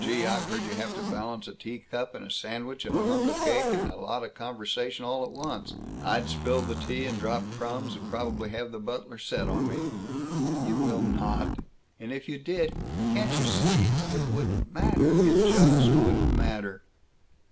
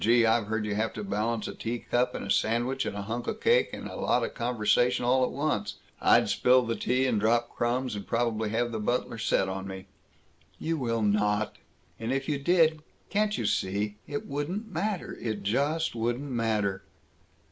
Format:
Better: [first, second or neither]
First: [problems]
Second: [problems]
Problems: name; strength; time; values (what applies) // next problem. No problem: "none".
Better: second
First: background sound (Zipper (clothing)); 5 dB above the speech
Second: none